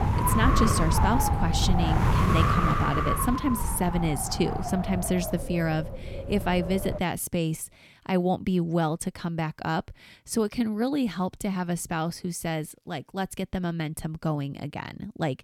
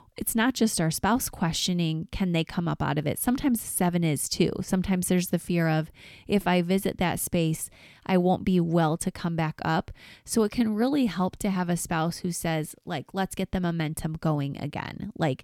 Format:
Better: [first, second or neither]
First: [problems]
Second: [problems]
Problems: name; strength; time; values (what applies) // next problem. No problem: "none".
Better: second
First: wind noise on the microphone; heavy; until 7 s; 3 dB above the speech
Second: none